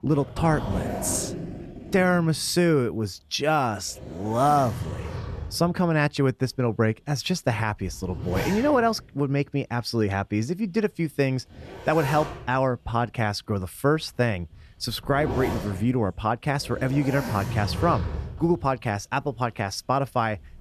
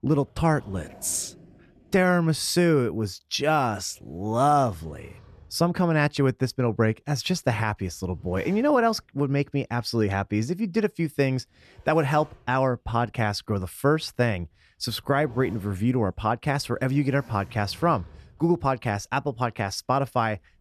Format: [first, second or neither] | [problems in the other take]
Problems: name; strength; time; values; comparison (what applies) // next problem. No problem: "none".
second | household noises; loud; throughout; 9 dB below the speech; faint in the second